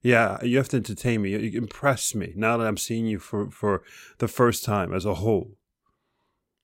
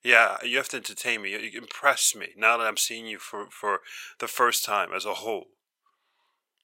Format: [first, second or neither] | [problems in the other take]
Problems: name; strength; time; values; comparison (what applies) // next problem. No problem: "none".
first | thin; very; fading below 850 Hz